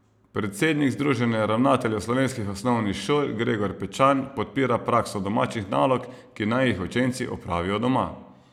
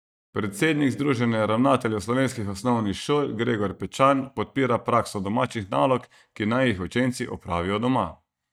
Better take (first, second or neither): first